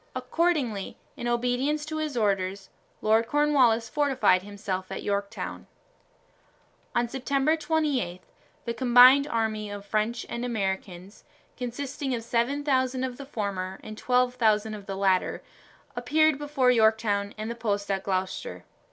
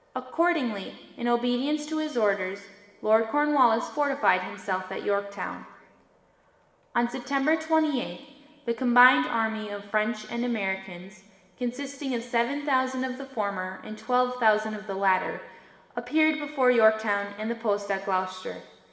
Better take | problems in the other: first | room echo; dies away in 1.7 s

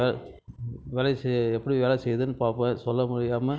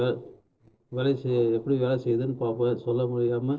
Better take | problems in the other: first | noise reduction (neural separator model SepFormer DNS4)

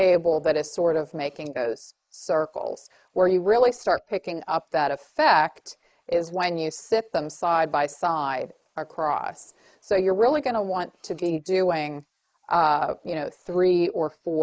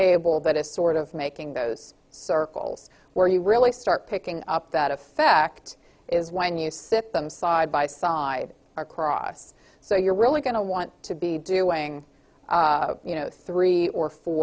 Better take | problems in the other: second | noise reduction (neural mask model Resemble Enhance denoiser)

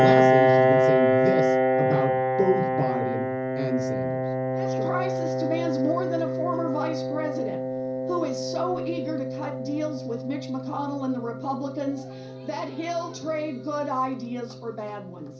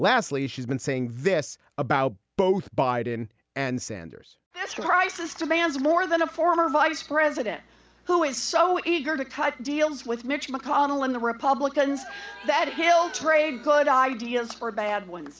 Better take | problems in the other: second | background sound (Piano); 5 dB above the speech // room echo; dies away in 0.5 s

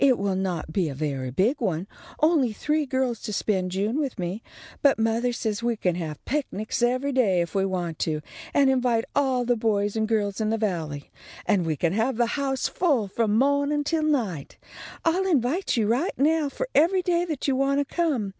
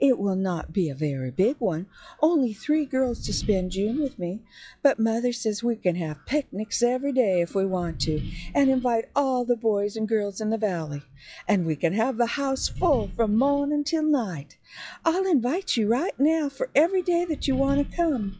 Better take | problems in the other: first | noise reduction (classical method log-MMSE)

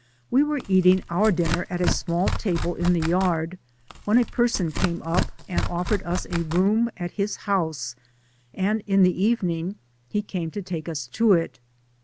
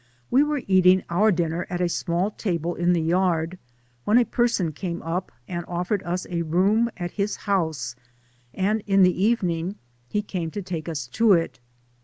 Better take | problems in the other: second | background sound (Tearing); 5 dB below the speech

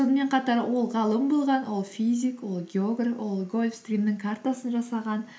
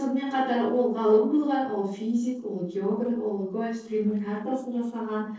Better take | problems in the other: first | noise reduction (neural separator model SepFormer DNS4)

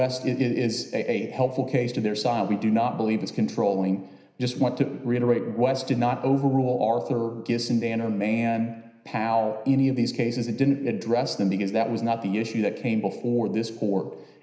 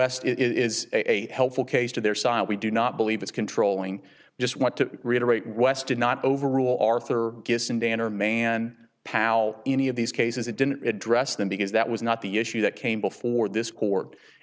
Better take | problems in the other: second | room echo; dies away in 0.9 s

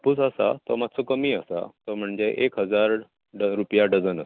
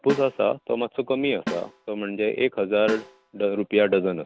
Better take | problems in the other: first | background sound (Snare drum); 14 dB below the speech

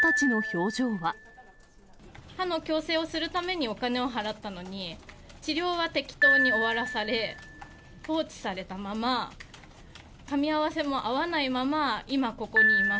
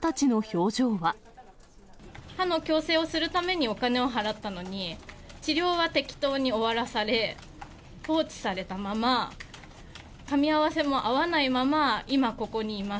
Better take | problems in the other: second | background sound (Piano); 2 dB below the speech

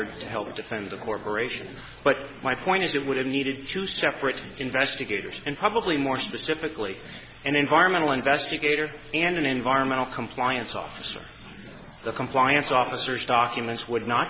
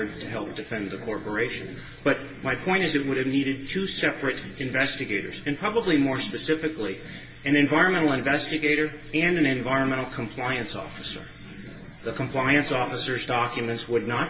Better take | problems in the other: first | room echo; dies away in 0.1 s

